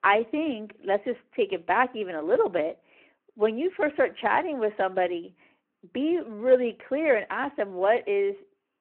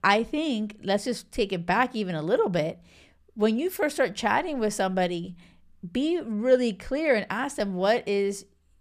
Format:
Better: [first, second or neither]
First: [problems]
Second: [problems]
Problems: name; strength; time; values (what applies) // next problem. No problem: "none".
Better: second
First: phone-call audio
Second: none